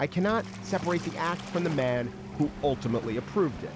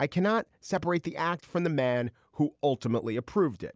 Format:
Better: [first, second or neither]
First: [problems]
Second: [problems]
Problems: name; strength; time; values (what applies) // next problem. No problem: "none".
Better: second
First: background sound (Waves, surf); 10 dB below the speech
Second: none